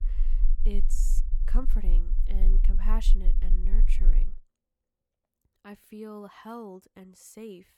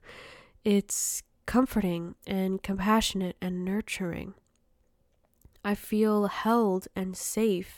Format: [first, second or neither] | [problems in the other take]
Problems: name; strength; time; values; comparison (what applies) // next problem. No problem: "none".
second | low rumble; noticeable; until 4.5 s; 10 dB below the speech